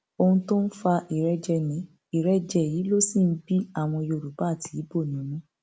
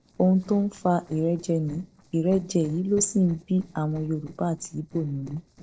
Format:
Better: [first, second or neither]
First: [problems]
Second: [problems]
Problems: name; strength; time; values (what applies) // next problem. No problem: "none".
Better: first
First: none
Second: noise reduction (neural separator model SepFormer DNS4)